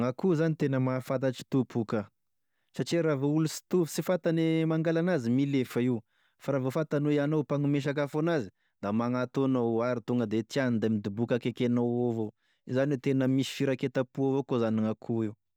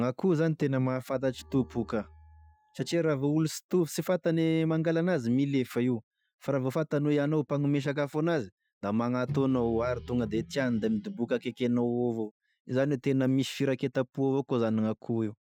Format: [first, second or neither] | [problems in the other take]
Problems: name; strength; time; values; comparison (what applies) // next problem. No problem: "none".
first | noise reduction (classical method Wiener filter)